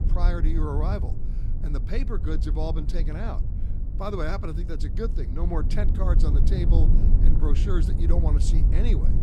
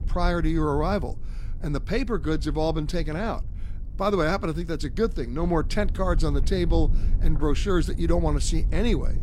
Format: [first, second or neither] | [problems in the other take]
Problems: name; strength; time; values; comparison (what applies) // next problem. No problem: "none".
second | low rumble; loud; throughout; 6 dB below the speech; faint in the second